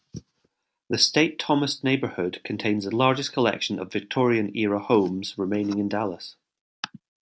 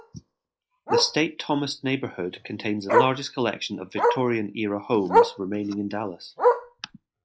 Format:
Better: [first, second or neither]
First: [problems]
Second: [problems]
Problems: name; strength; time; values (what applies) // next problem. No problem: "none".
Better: first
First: none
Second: noise reduction (classical method log-MMSE)